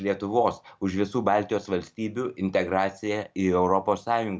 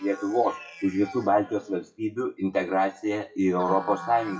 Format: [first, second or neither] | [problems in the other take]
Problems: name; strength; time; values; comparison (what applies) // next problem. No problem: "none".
first | noise reduction (classical method WPE with log-MMSE)